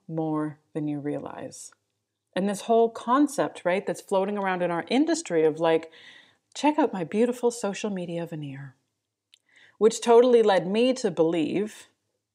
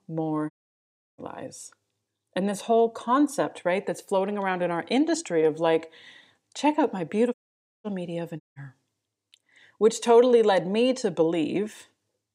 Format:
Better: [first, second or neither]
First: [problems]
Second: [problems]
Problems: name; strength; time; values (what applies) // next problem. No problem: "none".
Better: first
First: none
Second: audio cutting out; at 0.5 s for 0.5 s, at 7.5 s for 0.5 s and at 8.5 s